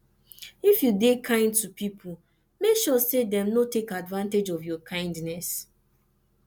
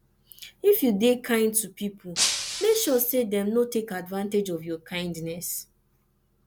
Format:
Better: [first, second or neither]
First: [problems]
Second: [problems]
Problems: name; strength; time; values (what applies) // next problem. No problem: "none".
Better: first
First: none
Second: background sound (Shatter); 3 dB below the speech